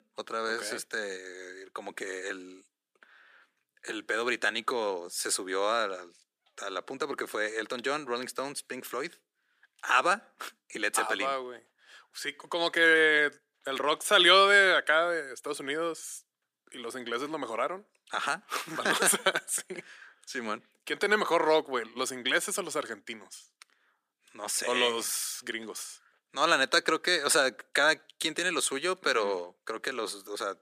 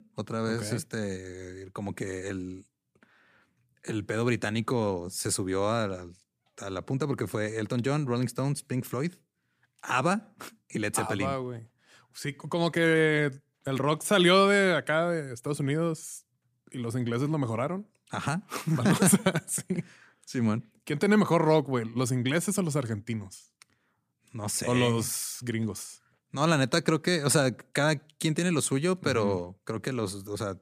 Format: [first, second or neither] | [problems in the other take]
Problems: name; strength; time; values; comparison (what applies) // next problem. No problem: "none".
second | thin; very; fading below 400 Hz